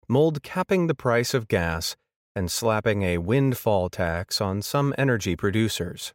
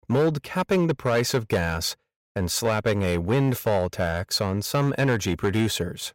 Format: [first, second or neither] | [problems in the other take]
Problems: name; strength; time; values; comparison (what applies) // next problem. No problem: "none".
first | distortion; slight; 7% of the sound clipped